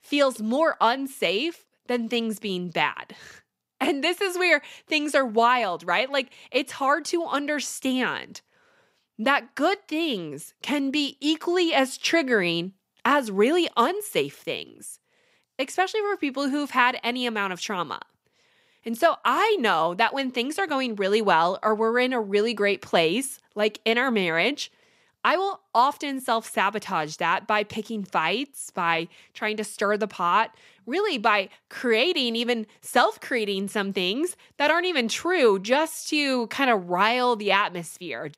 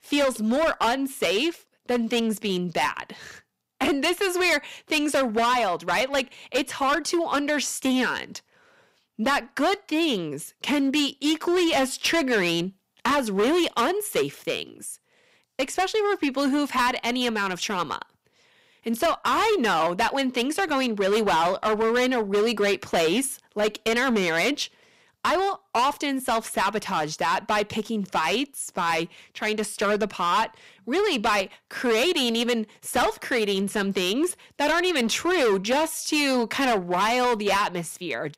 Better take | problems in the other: first | distortion; heavy; 12% of the sound clipped

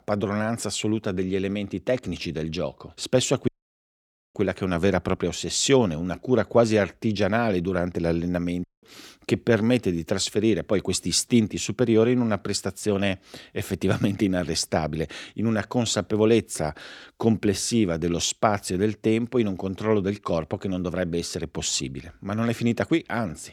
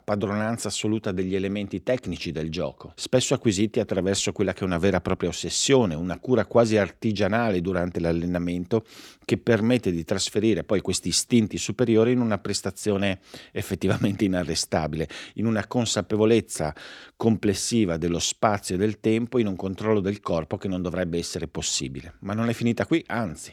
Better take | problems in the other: second | audio cutting out; at 3.5 s for 1 s and at 8.5 s

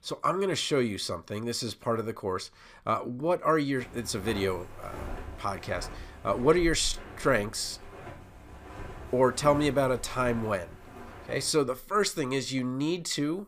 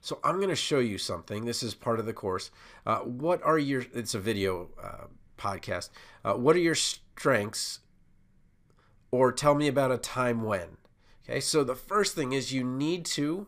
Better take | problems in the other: second | footsteps; faint; from 4 to 11 s; peak 10 dB below the speech

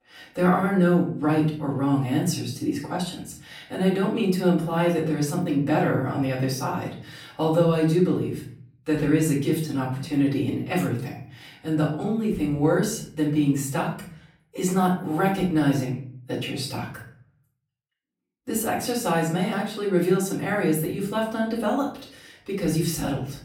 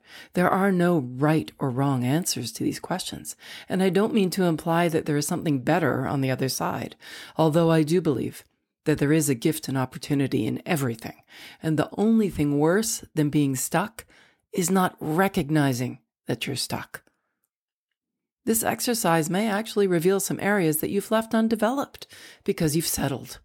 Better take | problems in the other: second | off-mic speech; far // room echo; noticeable; dies away in 0.5 s

